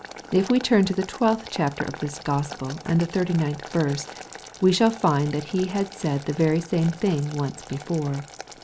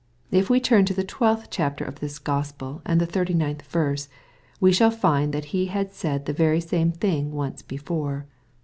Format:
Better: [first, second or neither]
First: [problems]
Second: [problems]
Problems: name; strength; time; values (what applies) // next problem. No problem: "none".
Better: second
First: background sound (Boiling); 16 dB below the speech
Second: none